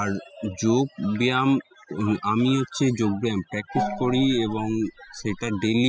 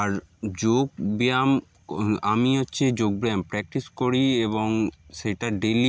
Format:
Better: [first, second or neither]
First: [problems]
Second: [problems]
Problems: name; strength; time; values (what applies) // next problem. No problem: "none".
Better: second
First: noise reduction (classical method spectral subtraction)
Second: none